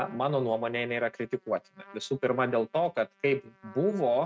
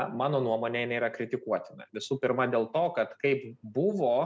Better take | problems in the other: second | noise reduction (neural mask model RNNoise)

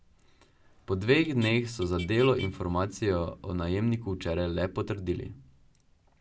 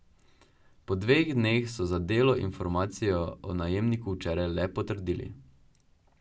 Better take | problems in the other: second | background sound (Motor vehicle (road)); 19 dB below the speech

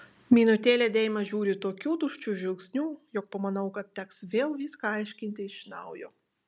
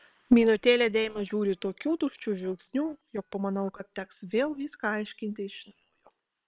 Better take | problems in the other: first | noise reduction (neural separator model SepFormer WHAM!)

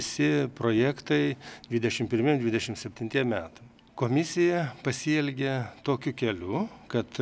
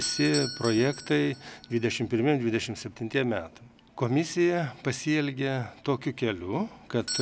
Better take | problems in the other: first | background sound (Doorbell); 13 dB below the speech

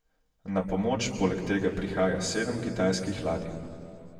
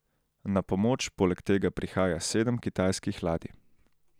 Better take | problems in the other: second | room echo; dies away in 2.1 s

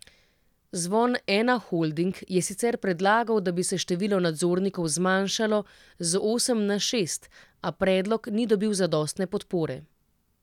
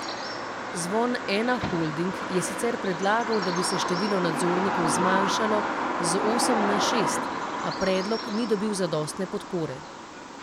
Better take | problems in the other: first | background sound (Bird vocalization, bird call, bird song); 1 dB below the speech

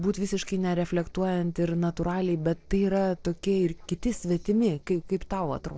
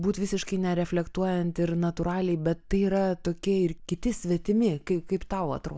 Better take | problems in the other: second | noise reduction (neural separator model SepFormer DNS4)

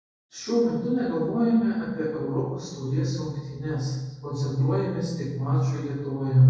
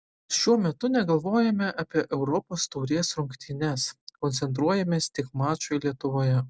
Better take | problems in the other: second | room echo; dies away in 1.3 s

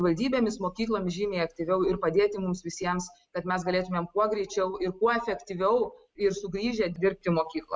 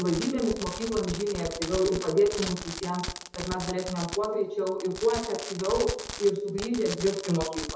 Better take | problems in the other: first | background sound (Fireworks); 10 dB below the speech // room echo; dies away in 0.7 s

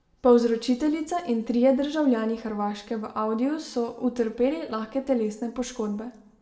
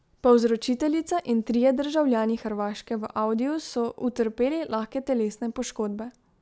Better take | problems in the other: second | room echo; dies away in 0.6 s

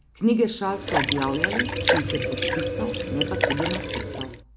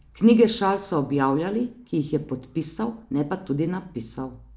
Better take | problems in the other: second | background sound (Liquid); 2 dB above the speech

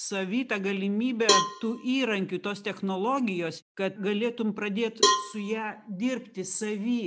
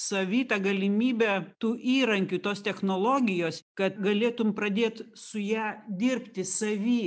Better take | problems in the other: second | background sound (Cowbell); 1 dB below the speech

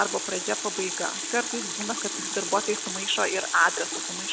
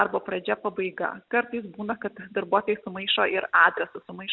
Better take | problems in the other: second | background sound (Water tap, faucet); 3 dB below the speech

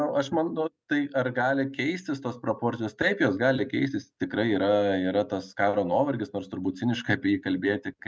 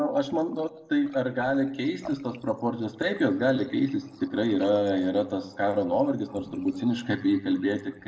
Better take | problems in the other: first | noise reduction (neural separator model SepFormer DNS4)

